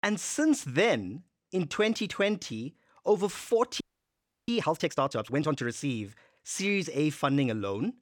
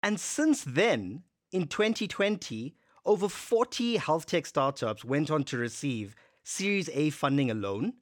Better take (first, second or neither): second